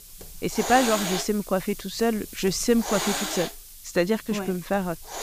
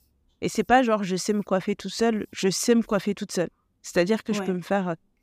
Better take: second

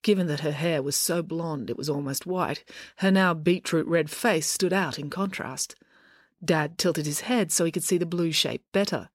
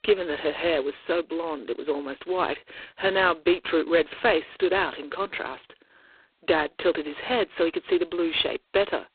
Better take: first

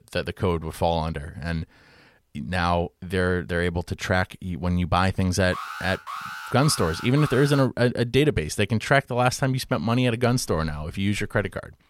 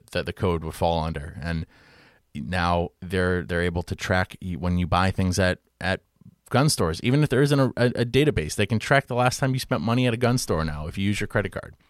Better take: second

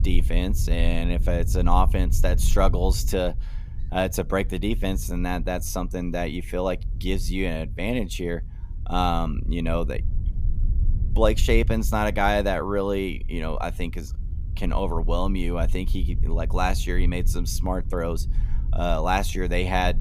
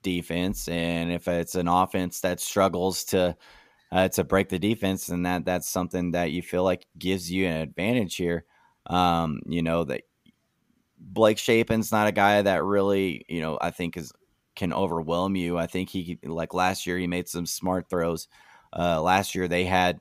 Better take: second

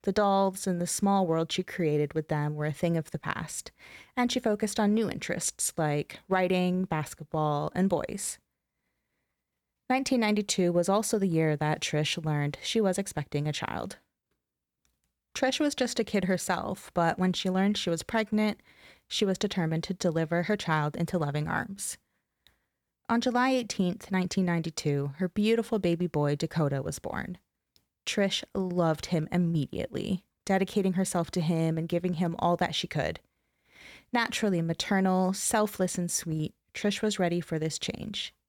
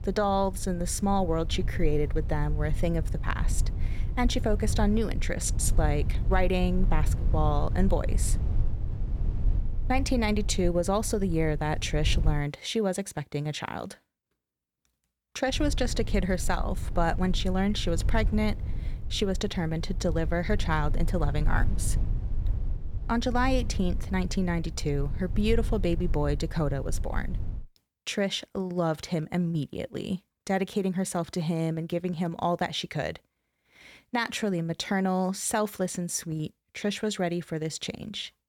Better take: first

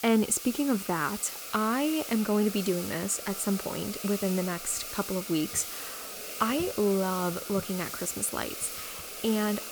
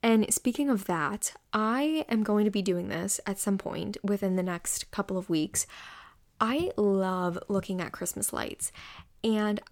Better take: second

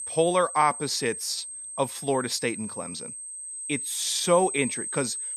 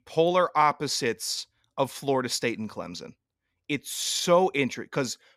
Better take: second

